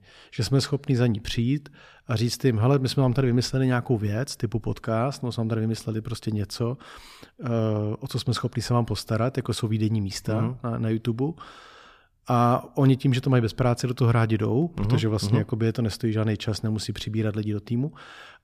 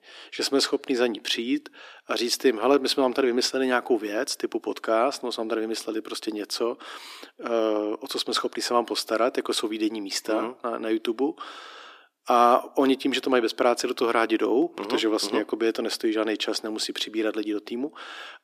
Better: first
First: none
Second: thin; somewhat; fading below 300 Hz

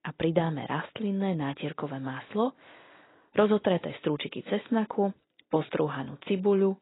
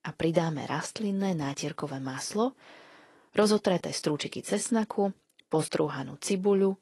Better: second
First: garbled, watery; badly; nothing above 4 kHz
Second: garbled, watery; slightly; nothing above 11 kHz

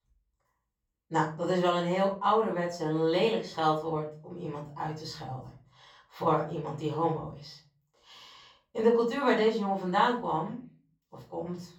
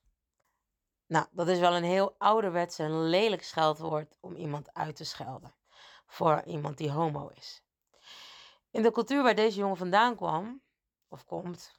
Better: second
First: off-mic speech; far // room echo; slight; dies away in 0.4 s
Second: none

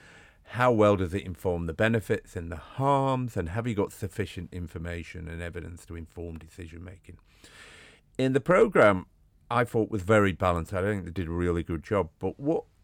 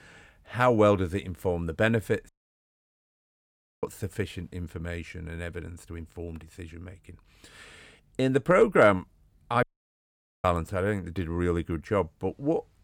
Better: first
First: none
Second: audio cutting out; at 2.5 s for 1.5 s and at 9.5 s for 1 s

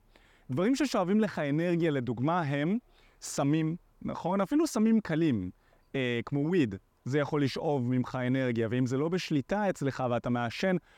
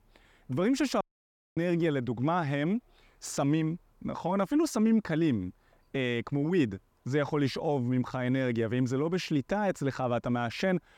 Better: first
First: none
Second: audio cutting out; at 1 s for 0.5 s

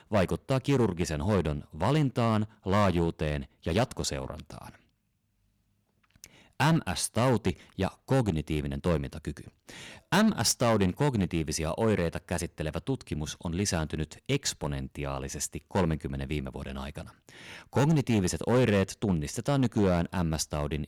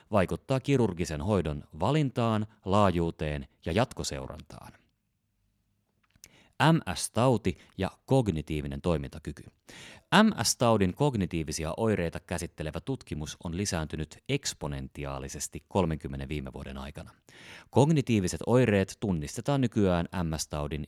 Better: second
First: distortion; slight; 5% of the sound clipped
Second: none

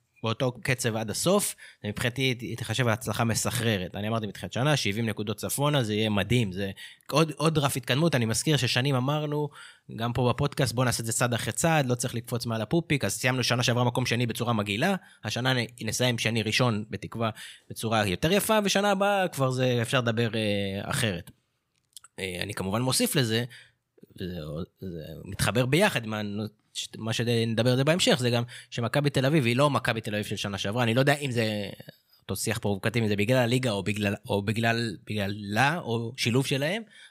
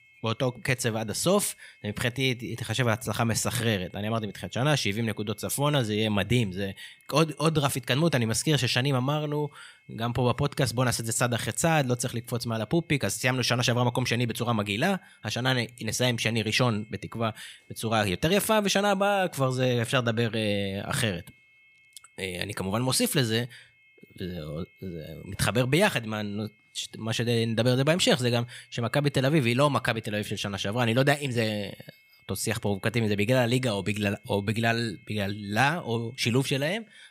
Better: first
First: none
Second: high-pitched whine; faint; throughout; 2 kHz, 30 dB below the speech

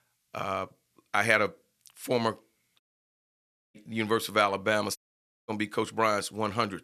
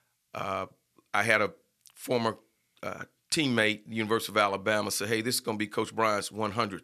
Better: second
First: audio cutting out; at 3 s for 1 s and at 5 s for 0.5 s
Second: none

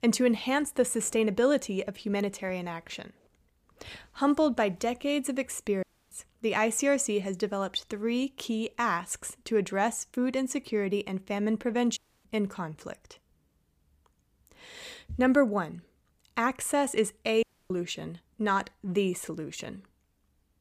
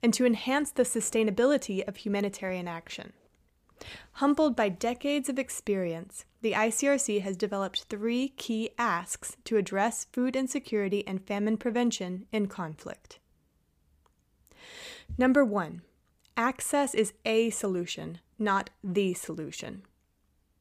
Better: second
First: audio cutting out; at 6 s, at 12 s and at 17 s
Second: none

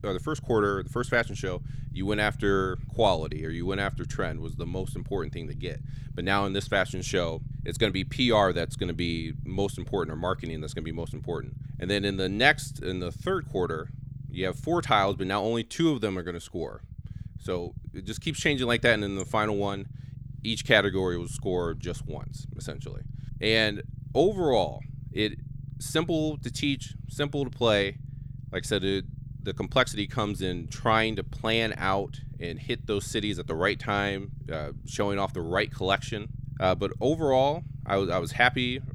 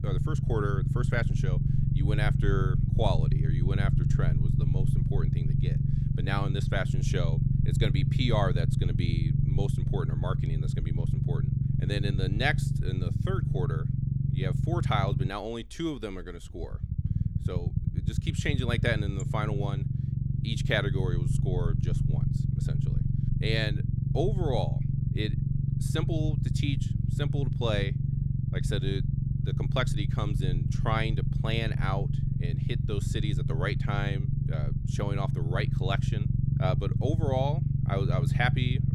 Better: first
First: low rumble; faint; throughout; 25 dB below the speech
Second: low rumble; loud; throughout; 5 dB below the speech

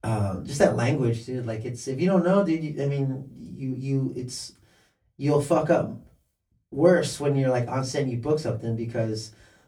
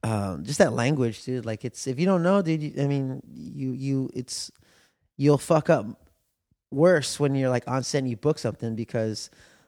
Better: second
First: off-mic speech; far // room echo; very slight; dies away in 0.2 s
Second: none

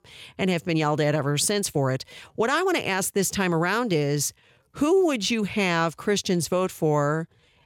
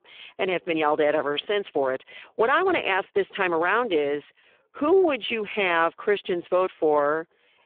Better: first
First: none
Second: phone-call audio; poor line; nothing above 3.5 kHz

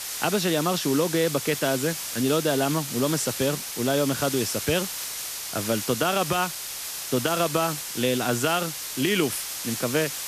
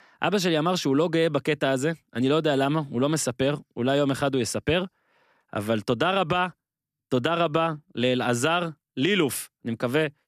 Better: second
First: hiss; loud; throughout; 5 dB below the speech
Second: none

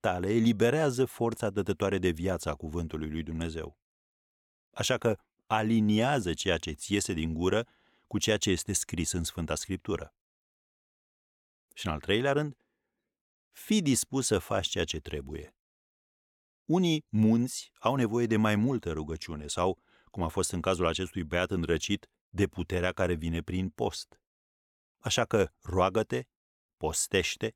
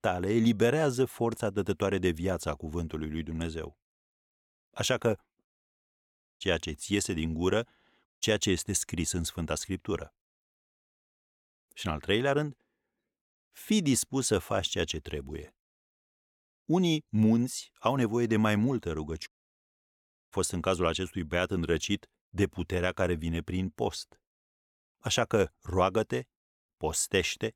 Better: first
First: none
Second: audio cutting out; at 5.5 s for 1 s, at 8 s and at 19 s for 1 s

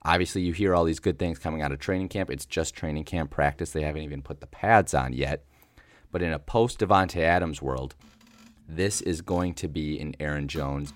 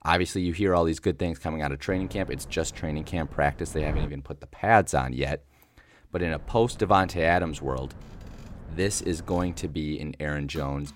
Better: first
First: none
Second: wind noise on the microphone; occasional gusts; from 2 to 4 s and from 6 to 9.5 s; 20 dB below the speech

